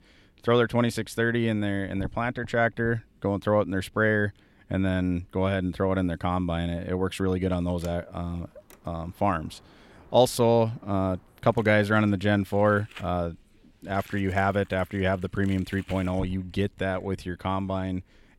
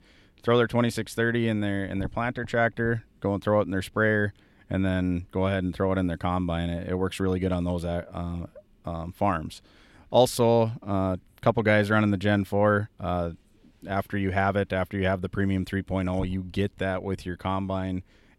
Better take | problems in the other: second | household noises; faint; from 7.5 s on; 25 dB below the speech

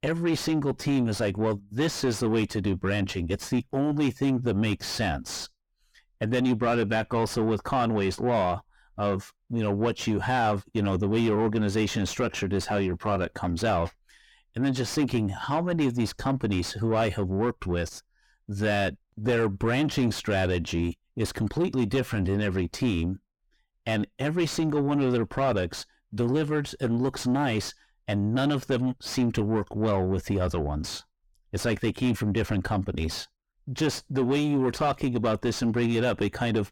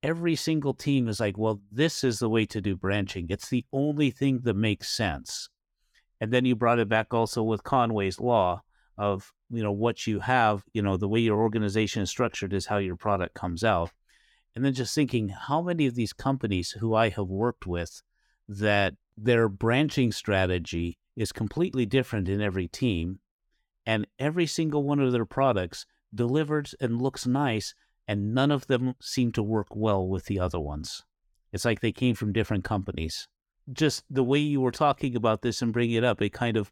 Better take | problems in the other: second | distortion; heavy; 6 dB below the speech

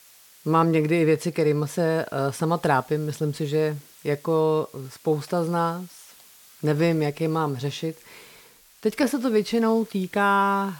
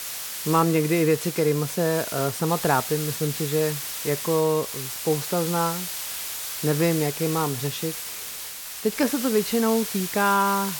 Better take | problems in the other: first | hiss; loud; throughout; 6 dB below the speech; faint in the first

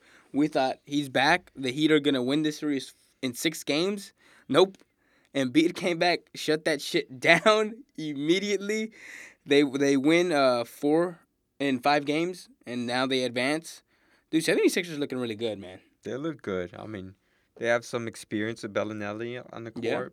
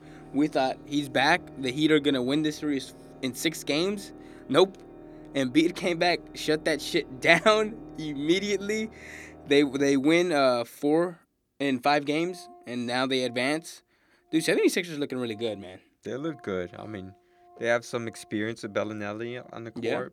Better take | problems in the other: first | background music; faint; throughout; 20 dB below the speech

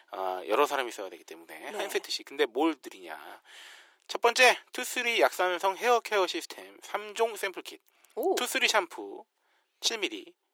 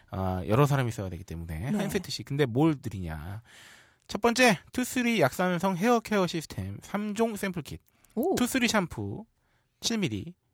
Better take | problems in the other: second | thin; very; fading below 350 Hz

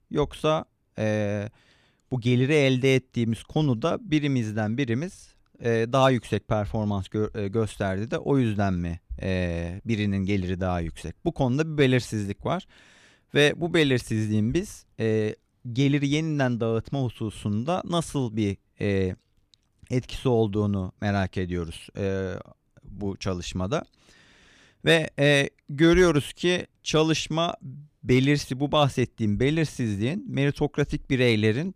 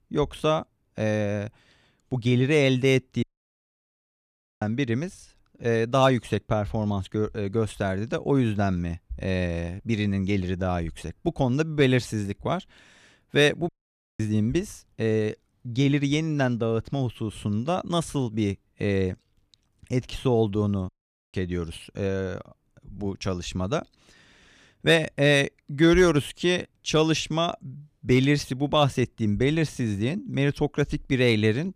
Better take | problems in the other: first | audio cutting out; at 3 s for 1.5 s, at 14 s for 0.5 s and at 21 s

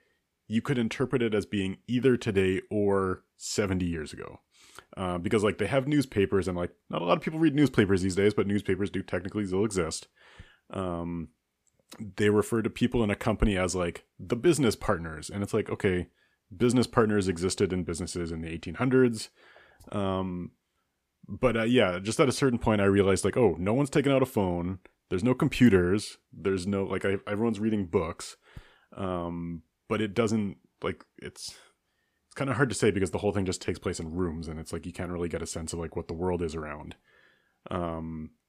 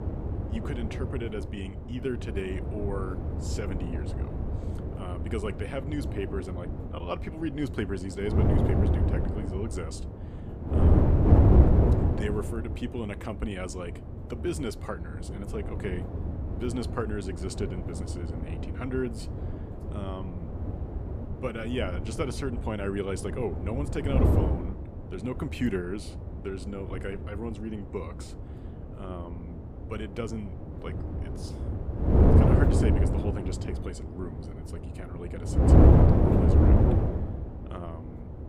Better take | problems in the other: first | wind noise on the microphone; heavy; 3 dB above the speech

